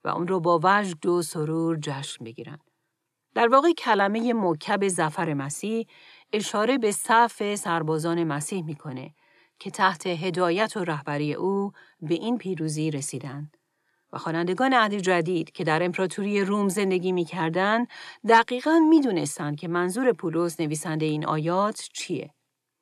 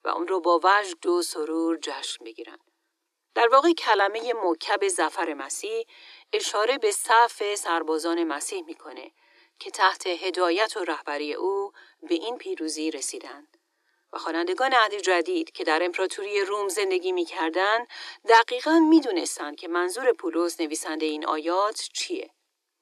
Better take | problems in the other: first | thin; very; fading below 300 Hz

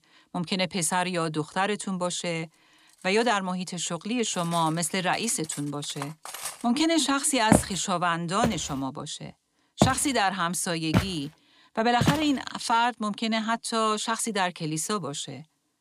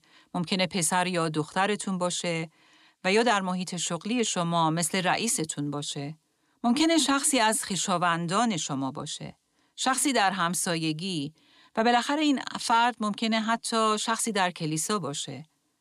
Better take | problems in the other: second | clattering dishes; noticeable; from 3 to 6.5 s; peak 8 dB below the speech // footsteps; loud; from 7.5 to 12 s; peak 2 dB above the speech

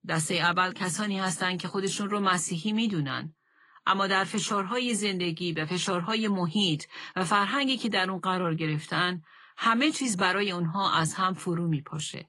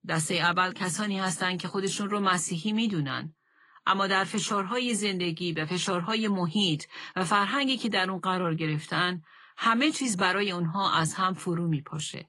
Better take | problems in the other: neither | garbled, watery; slightly; nothing above 10.5 kHz; the same in both

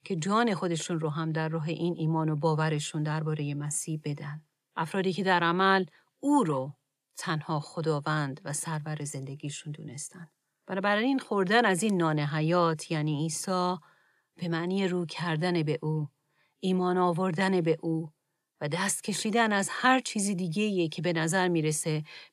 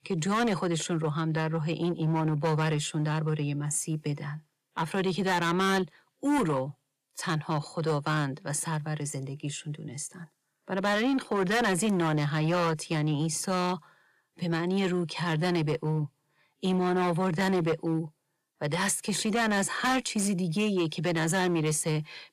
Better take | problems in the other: first | distortion; slight; 10% of the sound clipped

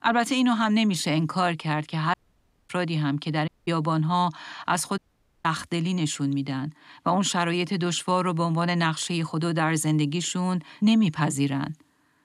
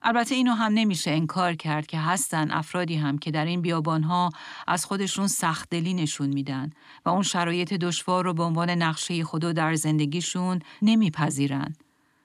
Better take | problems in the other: second | audio cutting out; at 2 s for 0.5 s, at 3.5 s and at 5 s

